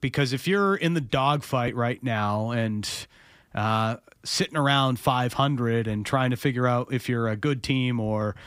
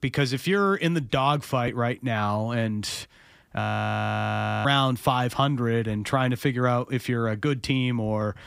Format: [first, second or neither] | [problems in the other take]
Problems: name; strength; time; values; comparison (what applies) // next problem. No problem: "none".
first | audio freezing; at 3.5 s for 1 s